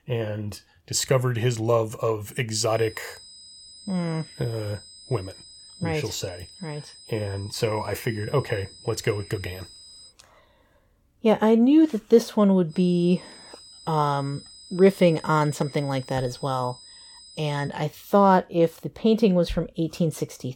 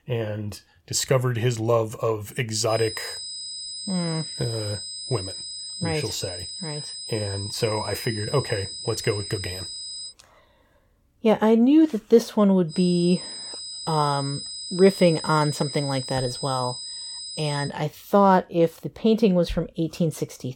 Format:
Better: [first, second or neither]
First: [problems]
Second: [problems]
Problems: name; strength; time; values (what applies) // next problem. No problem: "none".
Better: first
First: high-pitched whine; faint; from 2.5 to 10 s and from 13 to 18 s; 5 kHz, 20 dB below the speech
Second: high-pitched whine; loud; from 2.5 to 10 s and from 13 to 18 s; 5 kHz, 9 dB below the speech